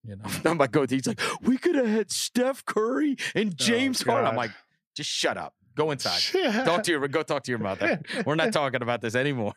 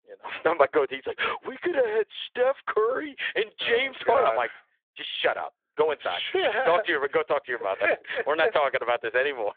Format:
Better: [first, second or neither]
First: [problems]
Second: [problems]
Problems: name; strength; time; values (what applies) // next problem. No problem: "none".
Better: first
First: none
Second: phone-call audio; nothing above 3.5 kHz